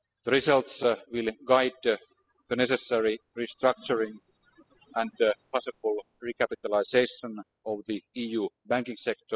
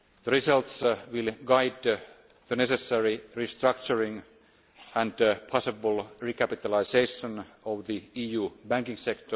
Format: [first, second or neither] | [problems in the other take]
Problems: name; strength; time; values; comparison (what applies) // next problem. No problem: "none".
second | noise reduction (classical method spectral subtraction)